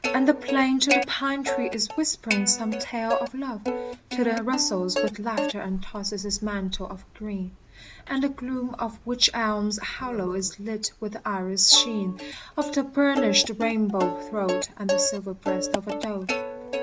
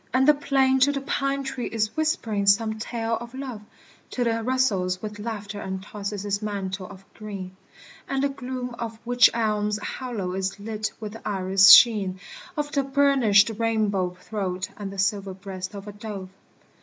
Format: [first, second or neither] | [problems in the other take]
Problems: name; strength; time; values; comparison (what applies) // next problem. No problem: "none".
second | background sound (Plucked string instrument); 5 dB below the speech